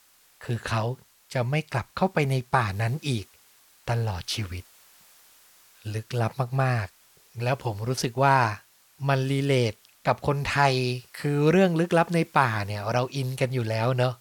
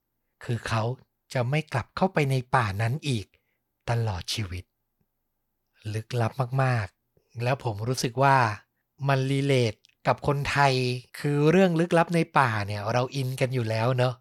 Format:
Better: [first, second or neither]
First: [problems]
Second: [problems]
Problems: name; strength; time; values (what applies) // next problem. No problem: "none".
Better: second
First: hiss; faint; throughout; 30 dB below the speech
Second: none